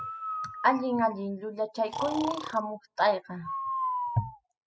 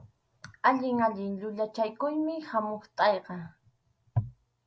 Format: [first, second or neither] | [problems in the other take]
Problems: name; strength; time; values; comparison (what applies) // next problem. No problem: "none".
second | noise reduction (classical method spectral subtraction)